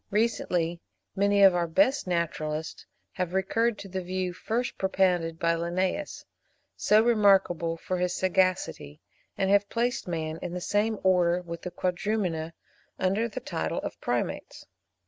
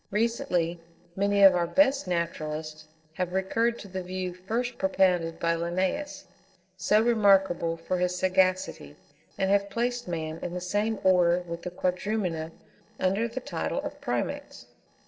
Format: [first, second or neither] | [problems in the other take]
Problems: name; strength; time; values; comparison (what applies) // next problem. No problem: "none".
first | noise reduction (neural separator model SepFormer DNS4)